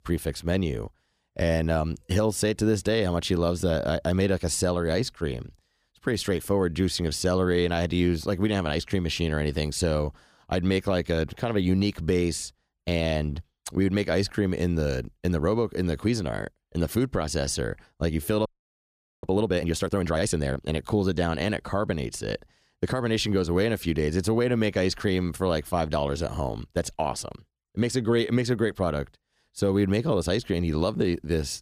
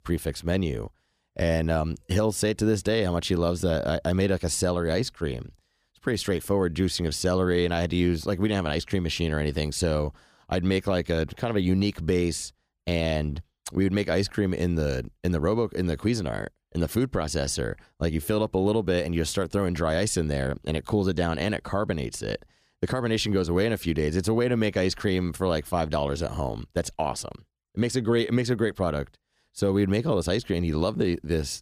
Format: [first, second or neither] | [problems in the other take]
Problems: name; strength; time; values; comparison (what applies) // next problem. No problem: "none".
second | audio freezing; at 18 s for 1 s